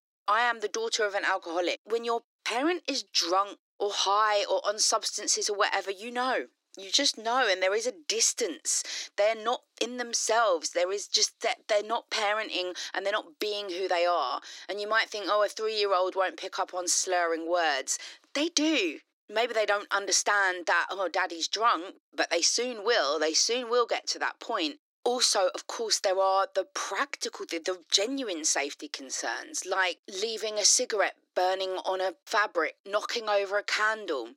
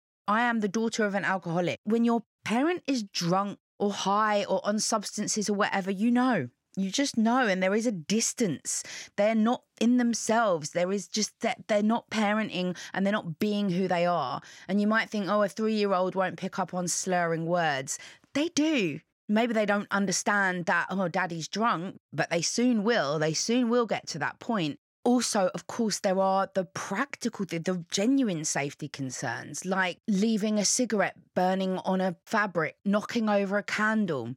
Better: second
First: thin; very; fading below 300 Hz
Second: none

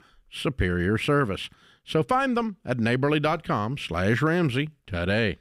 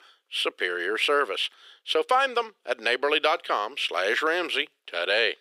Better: first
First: none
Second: thin; very; fading below 400 Hz

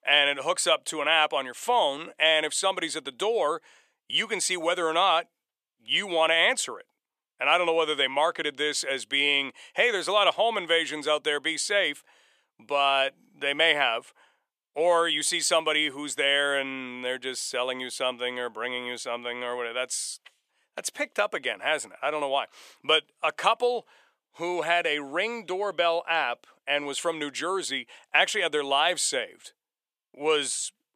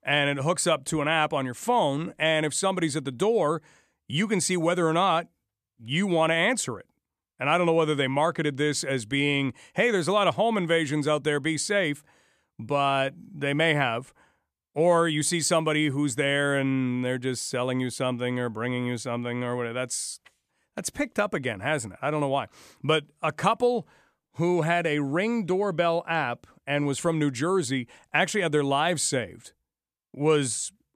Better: second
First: thin; somewhat; fading below 550 Hz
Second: none

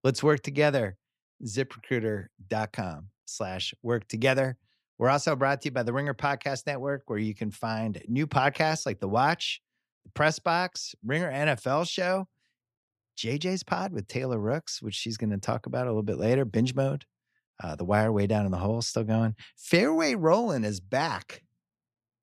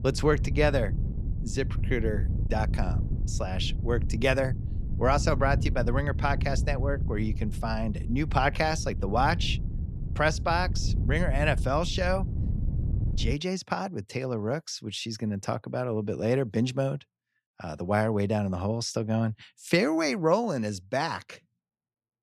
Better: first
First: none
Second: wind noise on the microphone; occasional gusts; until 13 s; 15 dB below the speech

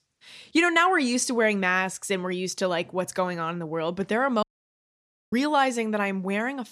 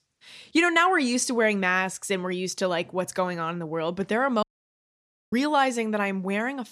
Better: neither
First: audio cutting out; at 4.5 s for 1 s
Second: audio cutting out; at 4.5 s for 1 s

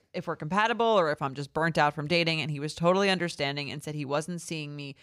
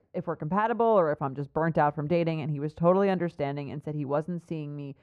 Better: first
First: none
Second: muffled; very; fading above 2 kHz

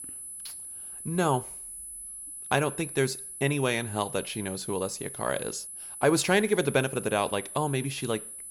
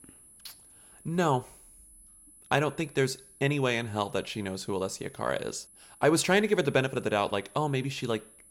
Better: second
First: high-pitched whine; loud; throughout; 10 kHz, 10 dB below the speech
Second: high-pitched whine; faint; throughout; 10 kHz, 25 dB below the speech

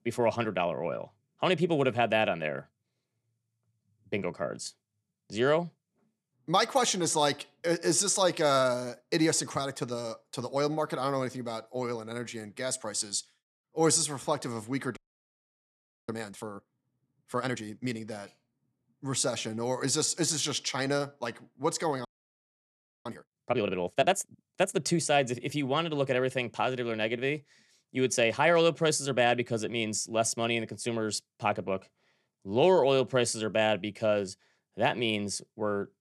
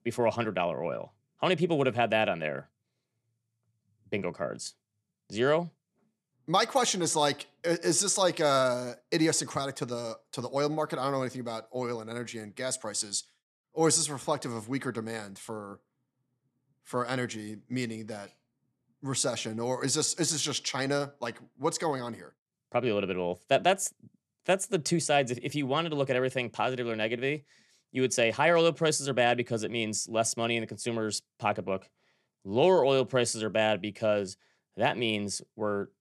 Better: second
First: audio freezing; at 15 s for 1 s and at 22 s for 1 s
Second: none

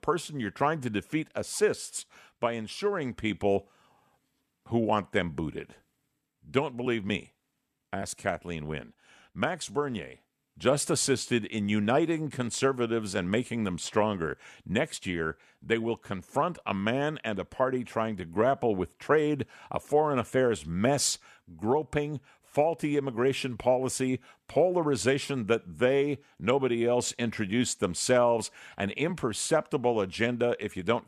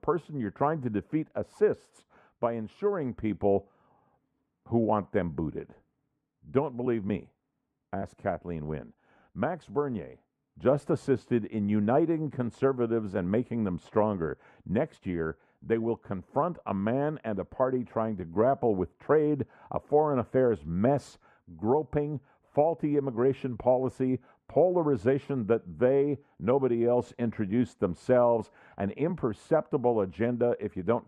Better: first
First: none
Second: muffled; very; fading above 2 kHz

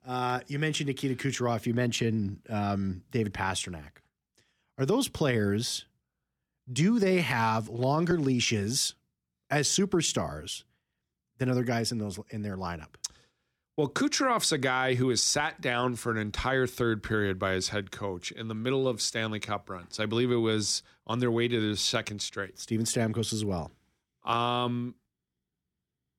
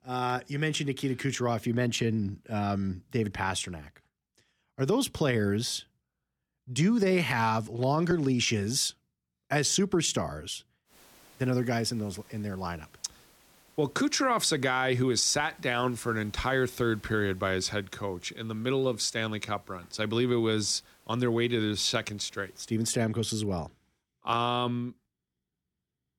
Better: first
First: none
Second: hiss; faint; from 11 to 23 s; 30 dB below the speech

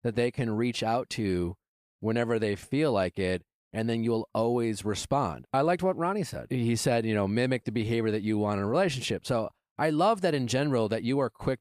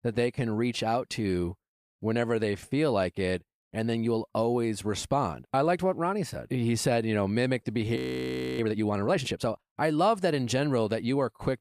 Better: first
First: none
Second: audio freezing; at 8 s for 0.5 s

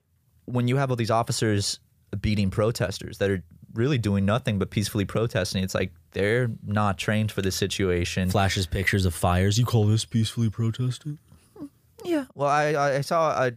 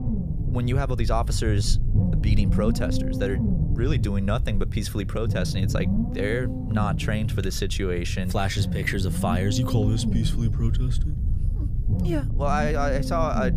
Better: first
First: none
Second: low rumble; loud; throughout; 8 dB below the speech

